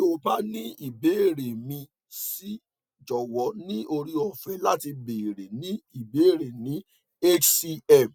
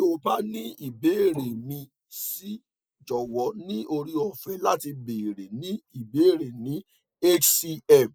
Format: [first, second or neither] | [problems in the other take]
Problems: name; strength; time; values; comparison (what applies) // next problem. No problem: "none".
first | noise reduction (neural mask model Resemble Enhance denoiser)